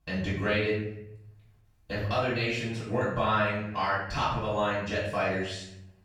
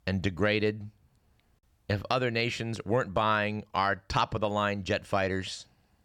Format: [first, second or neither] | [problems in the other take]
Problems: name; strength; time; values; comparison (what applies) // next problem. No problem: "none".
second | off-mic speech; far // room echo; noticeable; dies away in 0.6 s